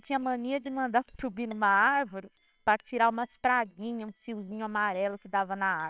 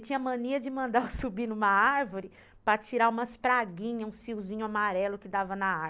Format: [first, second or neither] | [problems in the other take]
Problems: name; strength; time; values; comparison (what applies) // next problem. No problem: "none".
second | noise reduction (neural separator model SepFormer WHAMR!)